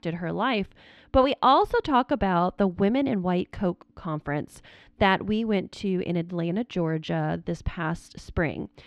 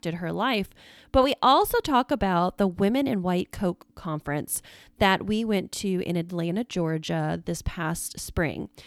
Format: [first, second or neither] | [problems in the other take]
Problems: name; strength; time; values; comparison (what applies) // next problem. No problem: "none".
second | muffled; slightly; fading above 3 kHz